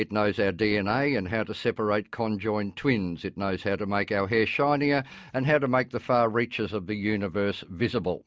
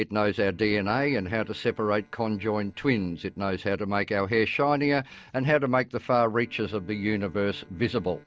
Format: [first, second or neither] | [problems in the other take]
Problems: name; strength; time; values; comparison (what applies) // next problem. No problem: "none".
first | noise reduction (neural separator model SepFormer DNS4)